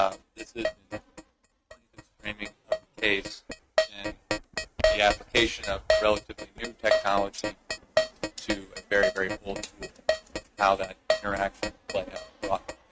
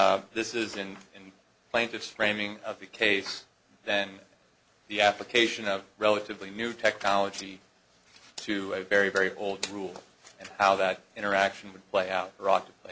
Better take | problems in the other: second | noise reduction (neural mask model RNNoise)

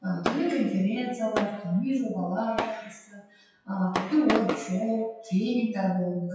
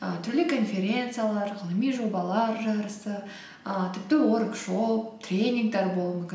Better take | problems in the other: second | noise reduction (classical method WPE with log-MMSE)

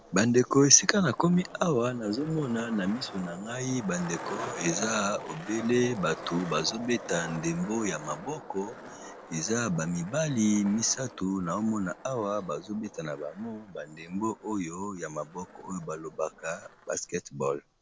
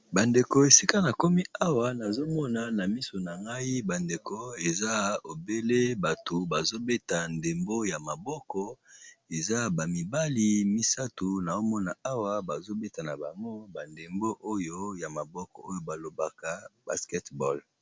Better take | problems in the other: second | background sound (Skateboard); 15 dB below the speech

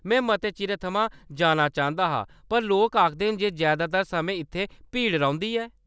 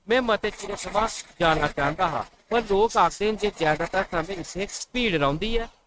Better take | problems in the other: first | noise reduction (neural mask model RNNoise)

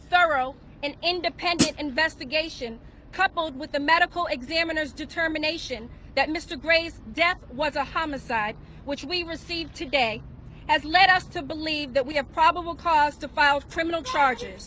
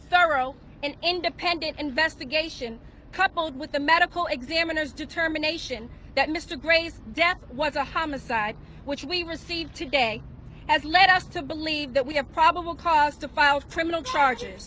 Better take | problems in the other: second | background sound (Hi-hat); 1 dB above the speech

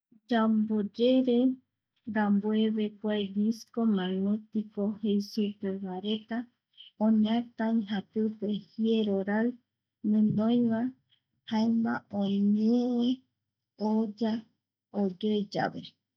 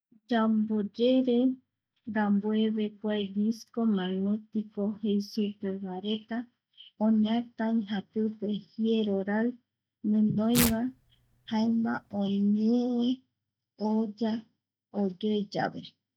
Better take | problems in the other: first | background sound (Tearing); 7 dB below the speech

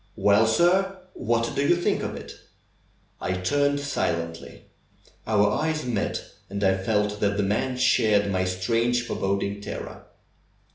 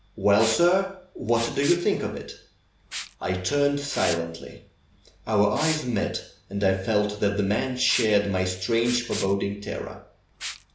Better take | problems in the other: first | background sound (Liquid); 14 dB below the speech

